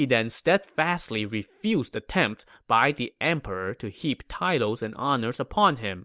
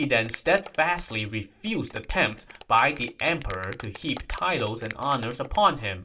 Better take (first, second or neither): first